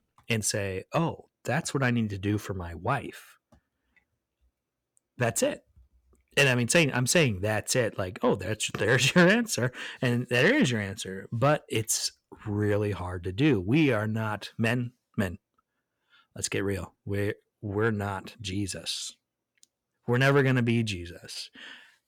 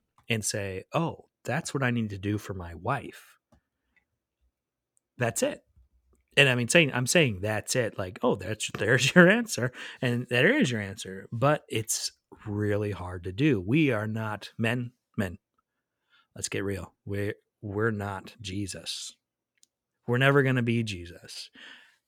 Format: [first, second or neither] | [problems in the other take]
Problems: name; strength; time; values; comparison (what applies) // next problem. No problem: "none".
second | distortion; slight; 10 dB below the speech